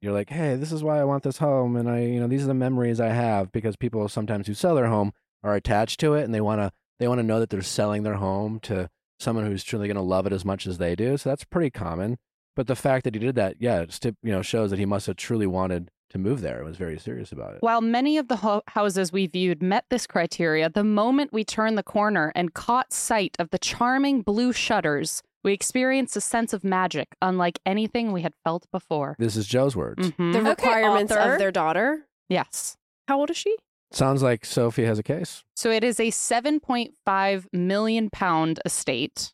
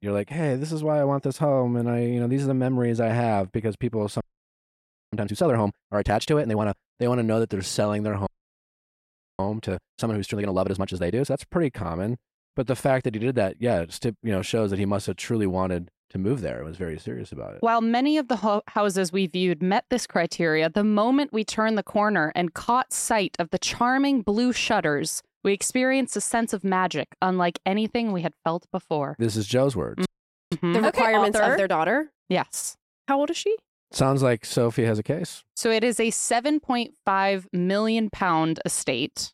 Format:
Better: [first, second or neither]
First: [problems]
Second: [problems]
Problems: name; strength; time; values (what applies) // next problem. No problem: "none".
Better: first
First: none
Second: audio freezing; at 4 s for 1 s, at 8.5 s for 1 s and at 30 s